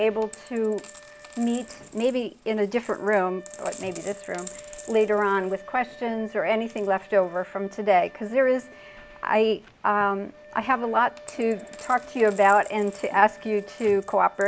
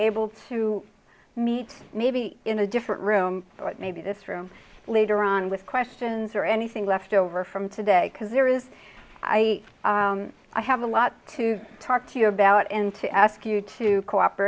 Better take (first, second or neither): second